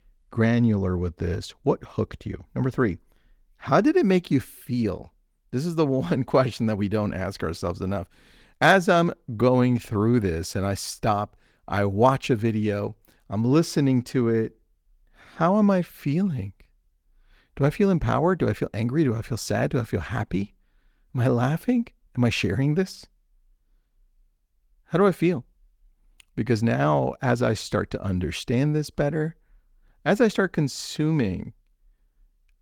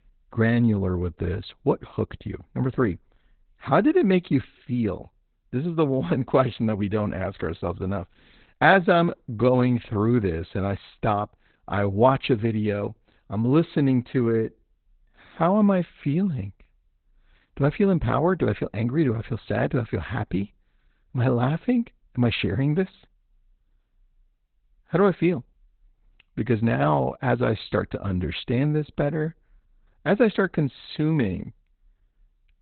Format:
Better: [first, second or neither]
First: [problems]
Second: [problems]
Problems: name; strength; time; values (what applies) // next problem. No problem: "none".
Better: first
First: garbled, watery; slightly; nothing above 18 kHz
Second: garbled, watery; badly; nothing above 4 kHz